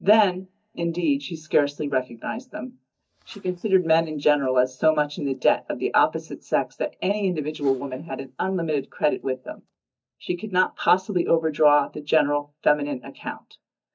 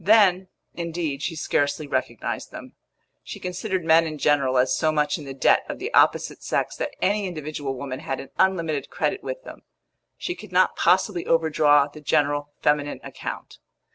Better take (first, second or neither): second